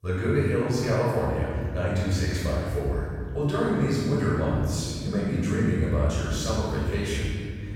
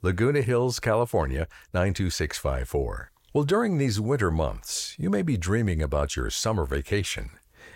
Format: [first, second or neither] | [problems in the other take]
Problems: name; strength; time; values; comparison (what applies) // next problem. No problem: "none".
second | room echo; strong; dies away in 2.7 s // off-mic speech; far